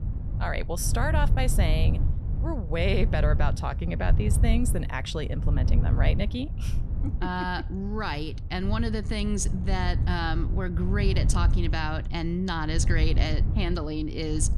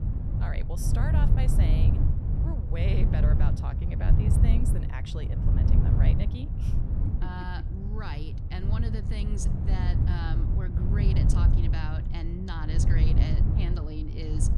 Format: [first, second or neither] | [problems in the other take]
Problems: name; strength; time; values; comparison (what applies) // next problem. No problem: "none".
first | wind noise on the microphone; heavy; as loud as the speech; occasional gusts in the first